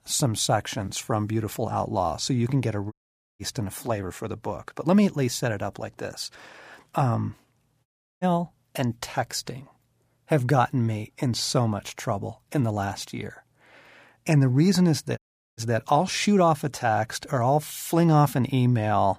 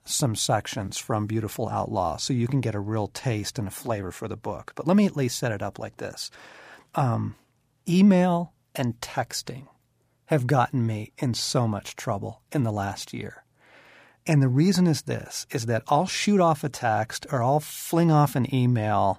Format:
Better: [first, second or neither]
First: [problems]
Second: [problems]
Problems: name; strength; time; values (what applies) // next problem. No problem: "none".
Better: second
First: audio cutting out; at 3 s, at 8 s and at 15 s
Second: none